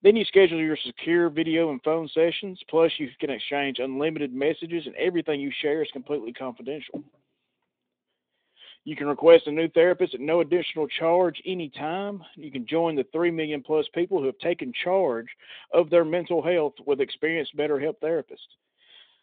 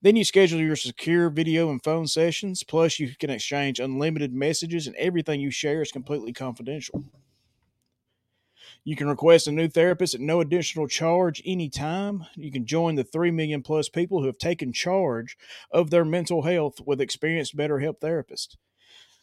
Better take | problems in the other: second | phone-call audio; nothing above 3.5 kHz

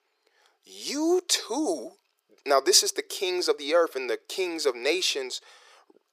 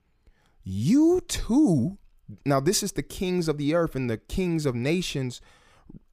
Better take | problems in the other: second | thin; very; fading below 400 Hz

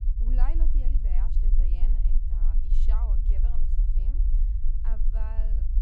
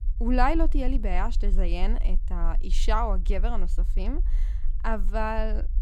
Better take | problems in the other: second | low rumble; loud; throughout; 3 dB below the speech; faint in the second

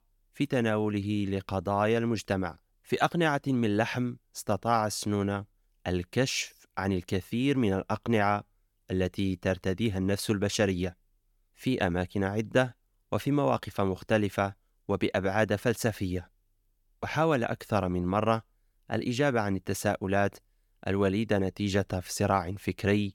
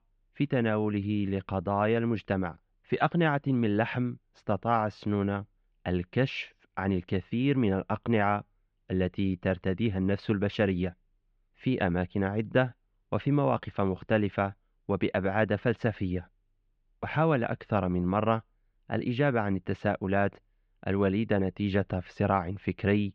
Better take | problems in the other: first | muffled; very; fading above 3 kHz

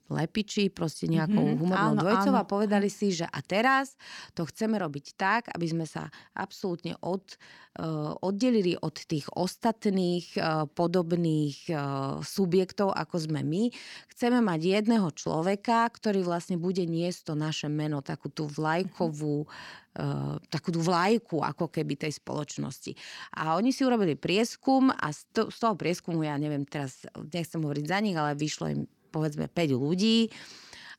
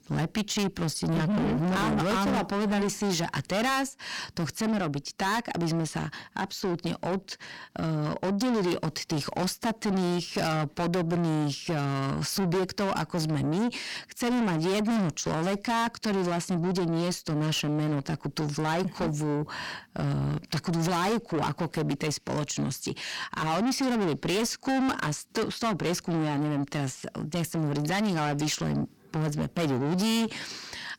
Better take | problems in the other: first | distortion; heavy; 5 dB below the speech

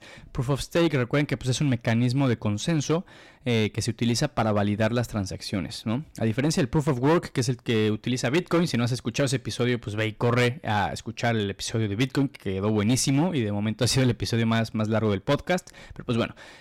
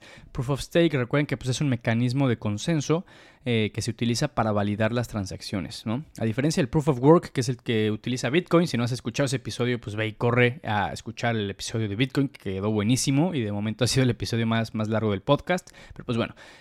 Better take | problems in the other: second | distortion; slight; 6% of the sound clipped

